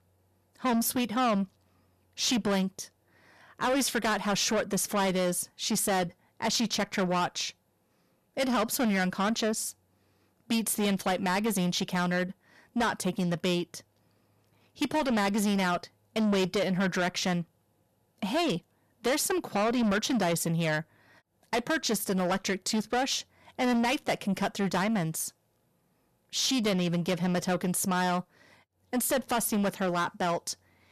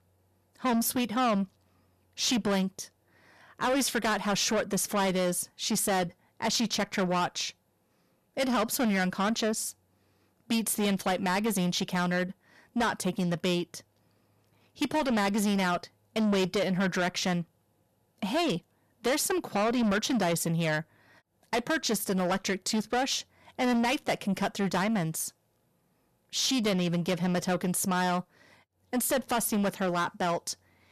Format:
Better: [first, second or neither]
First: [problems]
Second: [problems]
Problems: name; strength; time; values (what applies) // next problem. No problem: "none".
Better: neither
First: distortion; heavy; 8 dB below the speech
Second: distortion; heavy; 8 dB below the speech